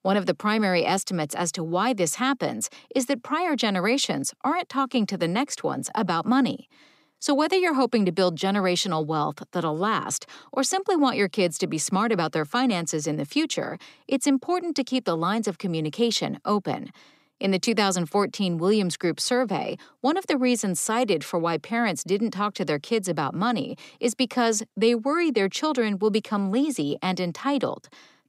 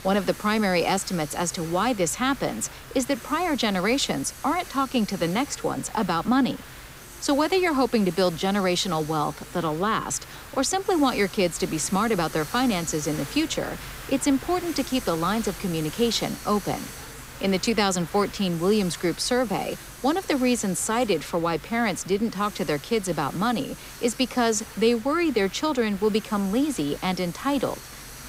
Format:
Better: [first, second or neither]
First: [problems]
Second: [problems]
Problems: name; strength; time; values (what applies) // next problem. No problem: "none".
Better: first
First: none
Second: hiss; noticeable; throughout; 15 dB below the speech